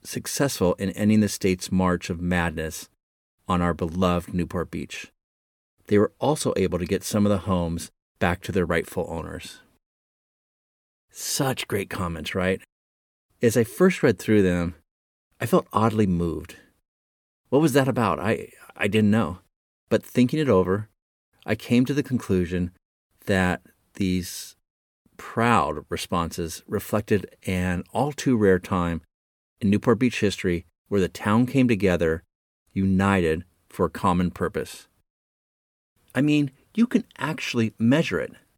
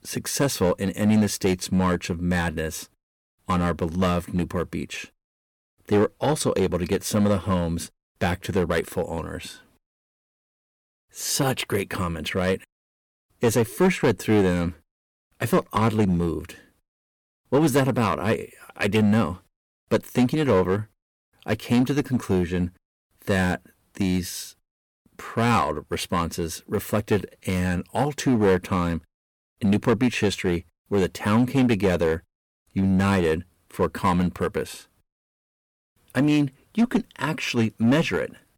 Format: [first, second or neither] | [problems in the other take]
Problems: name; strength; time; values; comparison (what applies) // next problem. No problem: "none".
first | distortion; slight; 4% of the sound clipped